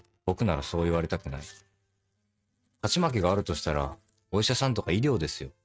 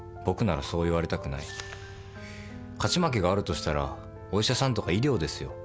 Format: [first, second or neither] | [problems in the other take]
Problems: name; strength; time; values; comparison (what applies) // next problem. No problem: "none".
second | noise reduction (neural mask model RNNoise)